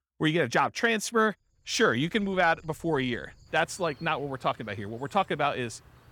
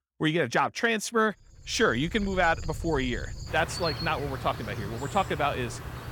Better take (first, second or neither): first